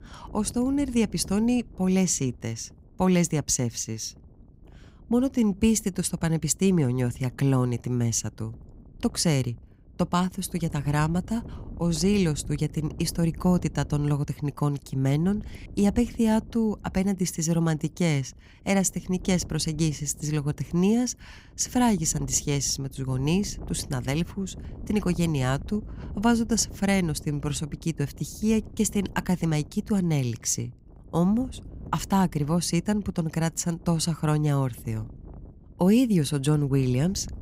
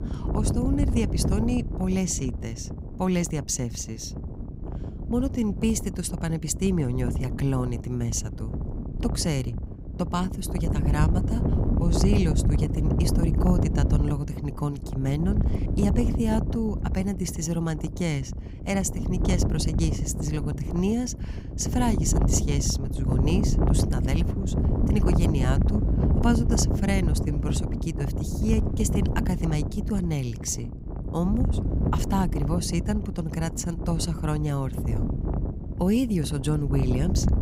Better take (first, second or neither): first